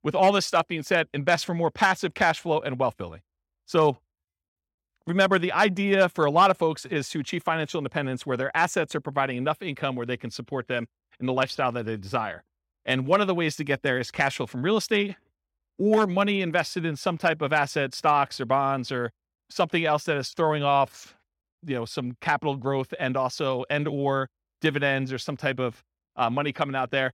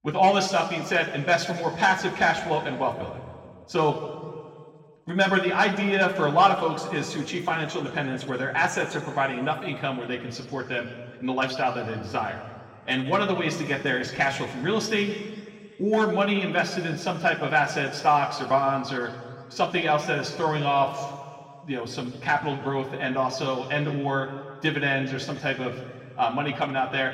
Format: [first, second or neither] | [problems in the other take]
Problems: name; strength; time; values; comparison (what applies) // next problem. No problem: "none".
first | room echo; slight; dies away in 1.9 s // off-mic speech; somewhat distant